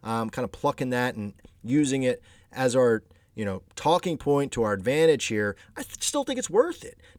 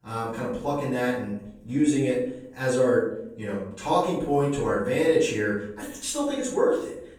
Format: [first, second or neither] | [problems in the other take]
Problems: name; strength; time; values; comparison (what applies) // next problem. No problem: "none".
first | off-mic speech; far // room echo; noticeable; dies away in 0.6 s